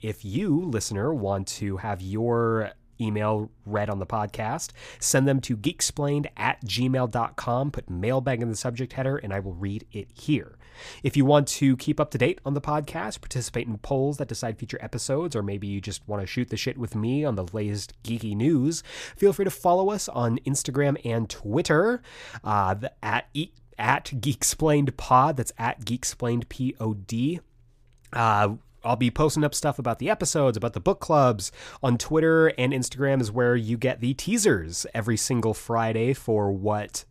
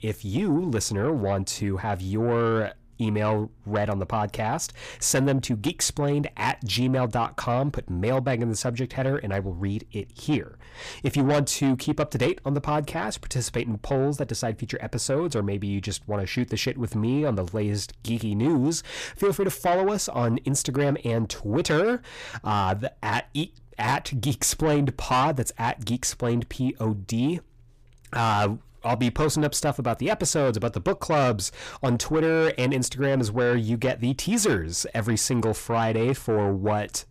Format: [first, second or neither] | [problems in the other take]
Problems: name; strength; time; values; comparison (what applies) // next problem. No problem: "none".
first | distortion; slight; 10 dB below the speech